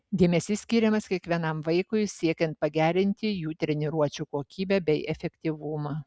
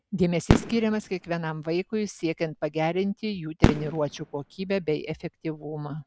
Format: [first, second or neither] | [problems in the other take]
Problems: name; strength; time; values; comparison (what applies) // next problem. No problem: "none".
first | background sound (Fireworks); 1 dB below the speech